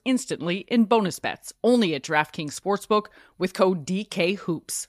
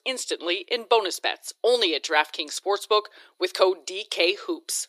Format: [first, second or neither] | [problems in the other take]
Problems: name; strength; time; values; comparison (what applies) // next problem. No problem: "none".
first | thin; very; fading below 350 Hz